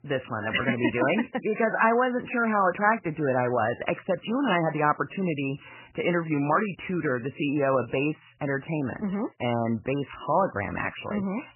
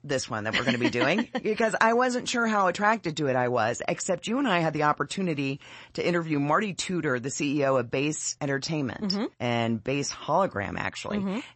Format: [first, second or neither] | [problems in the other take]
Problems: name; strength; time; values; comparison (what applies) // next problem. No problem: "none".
second | garbled, watery; badly; nothing above 3 kHz; slightly in the second